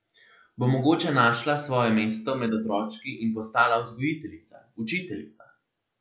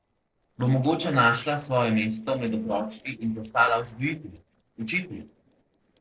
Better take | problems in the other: first | noise reduction (neural separator model SepFormer DNS4)

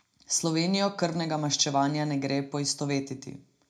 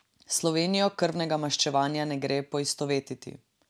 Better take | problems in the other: second | room echo; dies away in 0.2 s

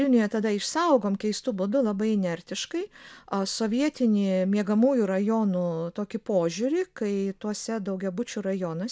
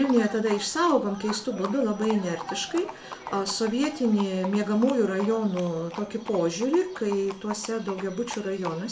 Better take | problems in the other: first | background sound (Livestock, farm animals, working animals); 14 dB below the speech // room echo; dies away in 0.3 s

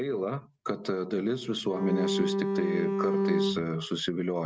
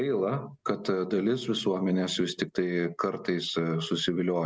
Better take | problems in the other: second | noise reduction (neural mask model RNNoise)

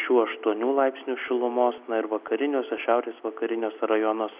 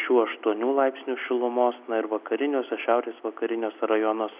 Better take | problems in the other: second | background sound (Telephone); 18 dB below the speech

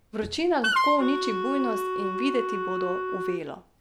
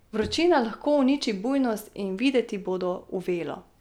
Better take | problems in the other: second | background sound (Wind instrument, woodwind instrument); 1 dB above the speech

